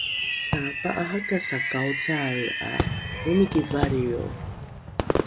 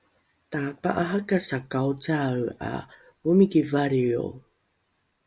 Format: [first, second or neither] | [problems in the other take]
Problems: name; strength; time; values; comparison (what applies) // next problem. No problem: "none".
second | background sound (Fireworks); 1 dB below the speech